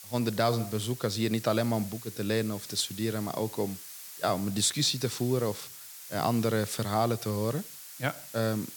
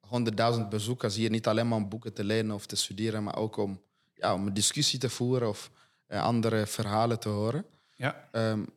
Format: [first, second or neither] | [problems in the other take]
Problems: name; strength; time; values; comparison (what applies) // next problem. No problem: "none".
second | hiss; noticeable; throughout; 10 dB below the speech